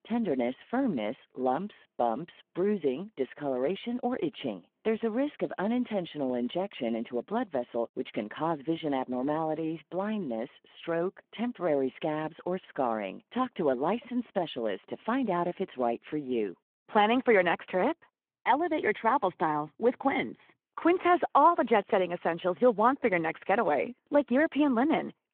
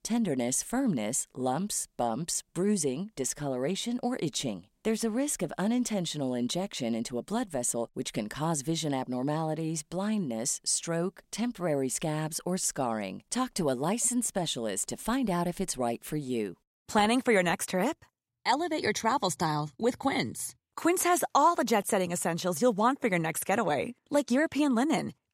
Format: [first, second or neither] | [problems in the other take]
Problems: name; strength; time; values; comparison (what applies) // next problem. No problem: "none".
second | phone-call audio